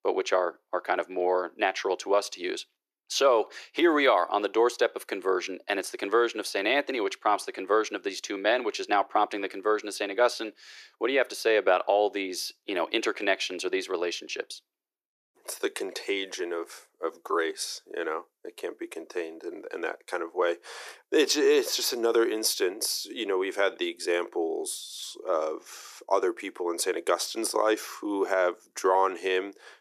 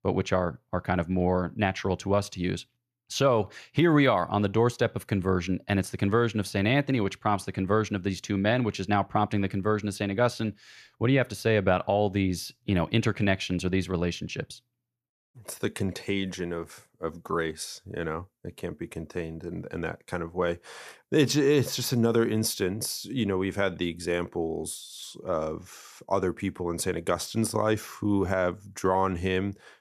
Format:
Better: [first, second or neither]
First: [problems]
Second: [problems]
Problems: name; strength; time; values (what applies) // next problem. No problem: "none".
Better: second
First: thin; very; fading below 350 Hz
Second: none